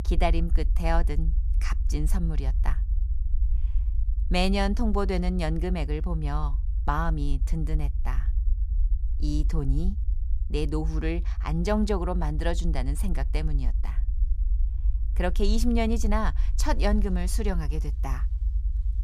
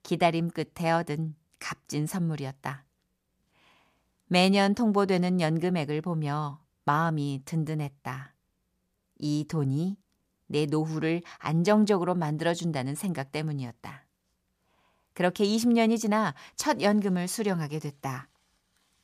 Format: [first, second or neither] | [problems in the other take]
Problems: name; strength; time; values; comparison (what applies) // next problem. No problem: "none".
second | low rumble; noticeable; throughout; 20 dB below the speech